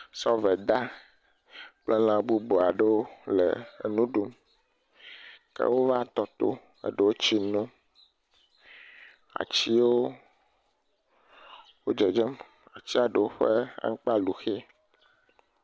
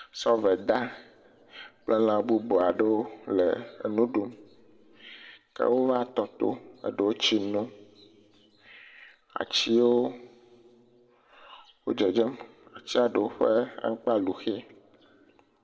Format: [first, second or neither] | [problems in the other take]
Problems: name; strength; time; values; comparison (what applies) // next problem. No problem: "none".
first | room echo; dies away in 1.5 s